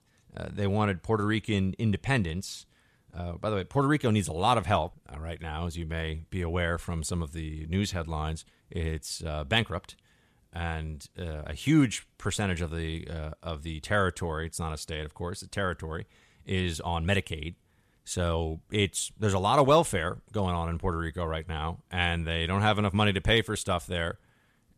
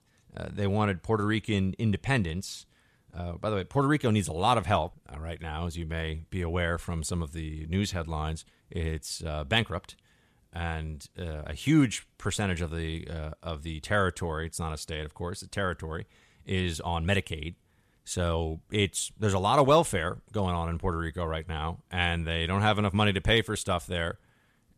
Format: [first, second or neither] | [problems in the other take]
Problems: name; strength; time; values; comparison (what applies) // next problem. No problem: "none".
neither | none